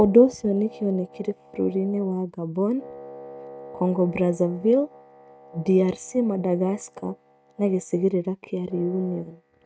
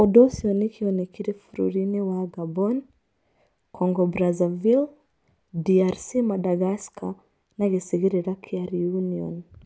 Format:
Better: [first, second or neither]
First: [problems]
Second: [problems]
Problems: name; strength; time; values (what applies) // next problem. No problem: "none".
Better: second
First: noise reduction (neural mask model RNNoise)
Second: none